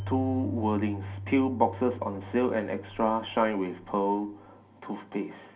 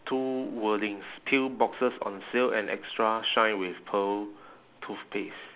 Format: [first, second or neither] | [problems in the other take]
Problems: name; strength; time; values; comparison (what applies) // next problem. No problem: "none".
second | background sound (Keyboard (musical)); 11 dB below the speech // room echo; dies away in 0.3 s